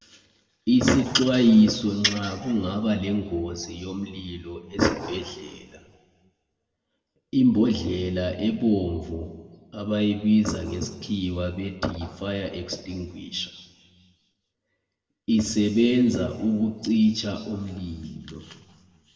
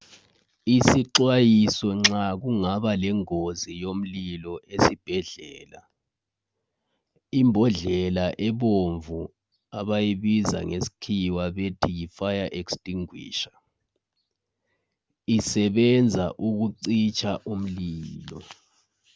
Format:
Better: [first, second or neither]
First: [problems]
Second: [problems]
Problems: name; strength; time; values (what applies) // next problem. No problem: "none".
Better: second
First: room echo; dies away in 1.5 s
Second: none